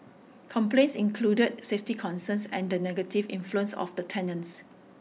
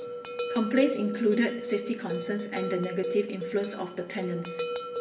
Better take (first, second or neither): first